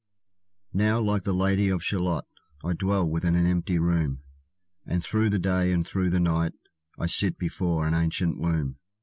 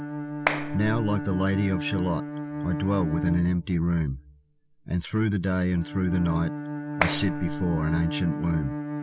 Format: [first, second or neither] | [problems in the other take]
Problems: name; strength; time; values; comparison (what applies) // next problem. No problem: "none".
first | background sound (Bowed string instrument + Clapping); 5 dB below the speech